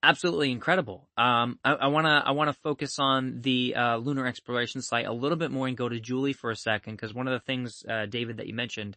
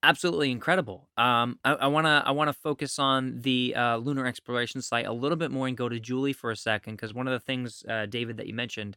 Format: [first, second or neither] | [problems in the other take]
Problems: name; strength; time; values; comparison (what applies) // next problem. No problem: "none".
second | garbled, watery; slightly; nothing above 8 kHz